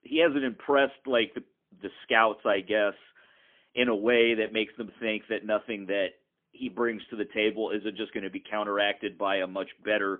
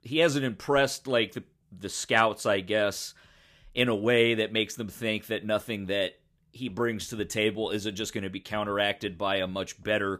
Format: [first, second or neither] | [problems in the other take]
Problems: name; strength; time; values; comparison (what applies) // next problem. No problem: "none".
second | phone-call audio; poor line; nothing above 3.5 kHz